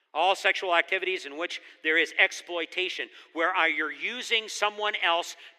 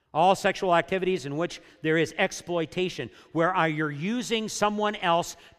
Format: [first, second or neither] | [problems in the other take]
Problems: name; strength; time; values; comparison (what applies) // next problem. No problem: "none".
second | thin; very; fading below 300 Hz